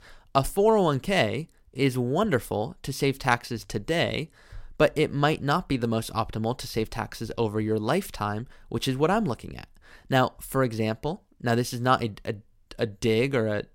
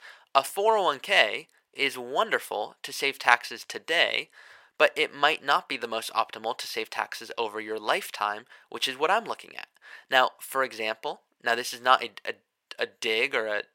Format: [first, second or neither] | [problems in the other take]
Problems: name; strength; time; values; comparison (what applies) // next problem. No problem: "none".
first | thin; very; fading below 650 Hz